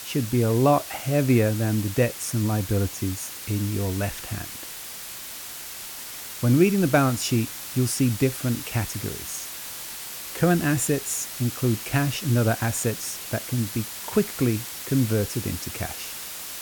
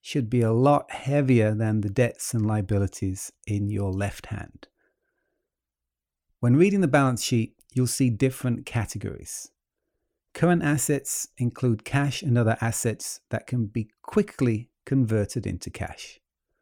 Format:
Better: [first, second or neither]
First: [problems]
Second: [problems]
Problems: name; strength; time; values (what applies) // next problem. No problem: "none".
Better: second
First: hiss; loud; throughout; 9 dB below the speech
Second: none